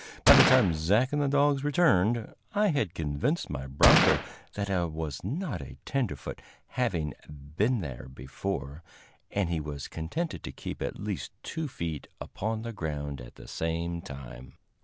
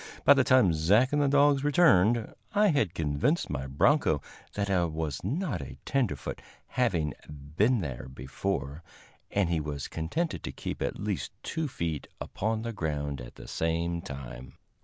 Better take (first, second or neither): second